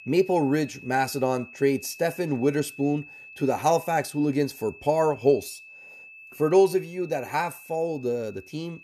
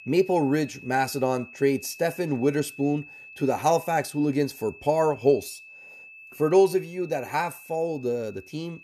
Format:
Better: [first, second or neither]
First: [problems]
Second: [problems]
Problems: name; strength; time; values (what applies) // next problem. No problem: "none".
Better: neither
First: high-pitched whine; noticeable; throughout; 2.5 kHz, 20 dB below the speech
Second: high-pitched whine; noticeable; throughout; 2.5 kHz, 20 dB below the speech